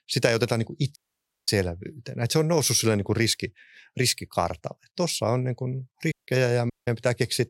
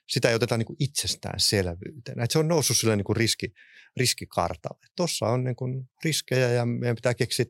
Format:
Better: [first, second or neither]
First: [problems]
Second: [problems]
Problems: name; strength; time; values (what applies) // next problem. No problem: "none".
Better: second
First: audio cutting out; at 1 s for 0.5 s, at 6 s and at 6.5 s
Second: none